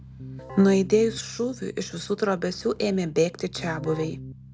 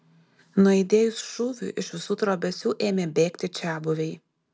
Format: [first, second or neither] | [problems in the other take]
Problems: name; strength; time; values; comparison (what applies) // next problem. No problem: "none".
second | background sound (Keyboard (musical)); 15 dB below the speech